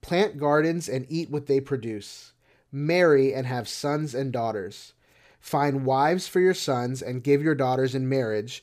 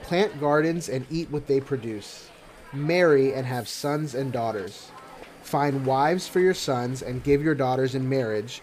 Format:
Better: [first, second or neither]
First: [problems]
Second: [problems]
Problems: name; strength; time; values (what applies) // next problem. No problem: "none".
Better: first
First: none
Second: hiss; faint; throughout; 20 dB below the speech